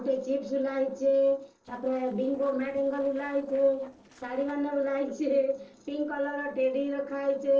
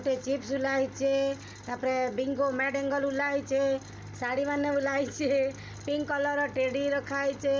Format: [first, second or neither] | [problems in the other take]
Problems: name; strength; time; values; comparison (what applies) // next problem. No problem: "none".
second | noise reduction (neural separator model SepFormer DNS4)